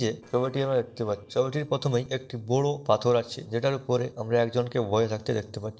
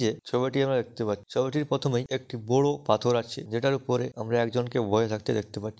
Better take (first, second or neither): second